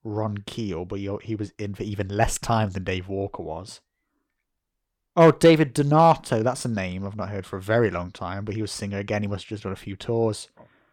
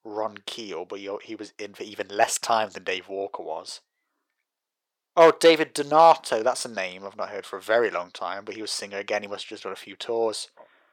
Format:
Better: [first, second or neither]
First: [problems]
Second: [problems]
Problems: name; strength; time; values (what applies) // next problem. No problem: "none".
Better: first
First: none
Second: thin; very; fading below 550 Hz